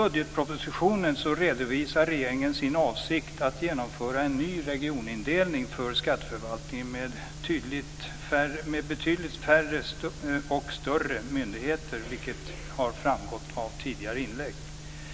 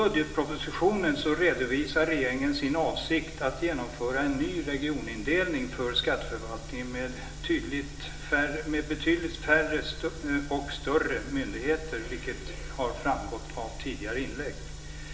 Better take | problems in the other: first | room echo; dies away in 1.2 s

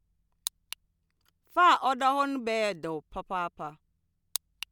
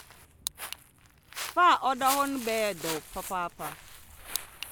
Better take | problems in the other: first | background sound (Walk, footsteps); 11 dB below the speech

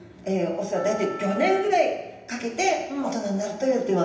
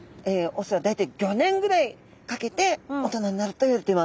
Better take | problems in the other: second | background sound (Wind instrument, woodwind instrument); 16 dB below the speech // room echo; dies away in 0.9 s

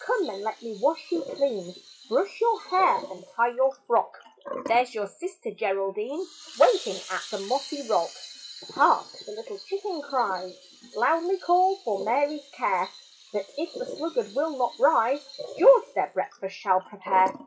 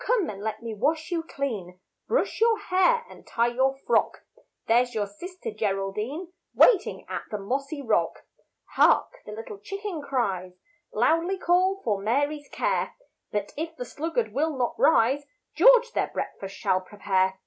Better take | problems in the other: second | noise reduction (classical method WPE with log-MMSE)

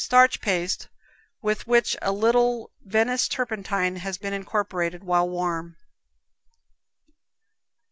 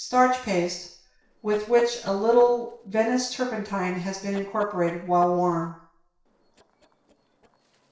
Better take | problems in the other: first | noise reduction (neural separator model SepFormer DNS4)

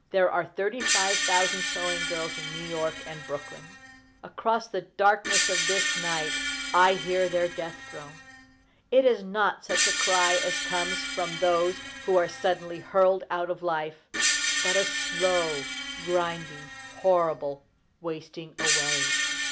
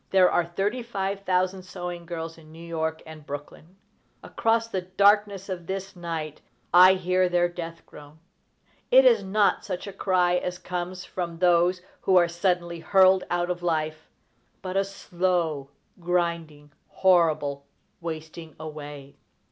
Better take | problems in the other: second | background sound (Screech); 3 dB below the speech

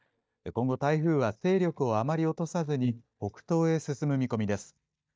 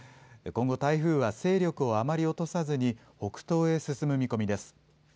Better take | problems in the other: second | noise reduction (neural mask model DeepFilterNet 3)

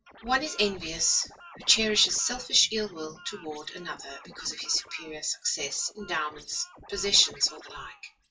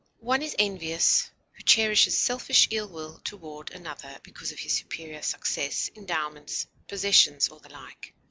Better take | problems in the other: second | noise reduction (classical method WPE with log-MMSE)

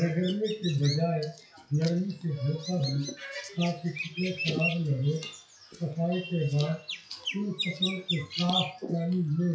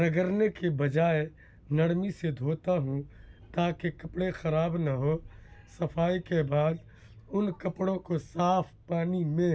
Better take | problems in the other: second | noise reduction (classical method WPE with log-MMSE)

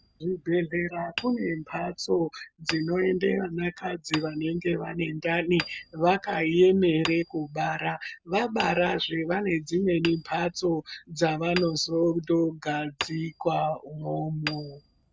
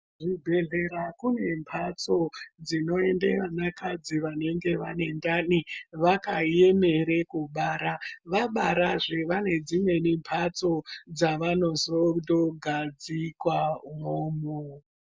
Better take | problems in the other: second | background sound (Hammer); 15 dB below the speech

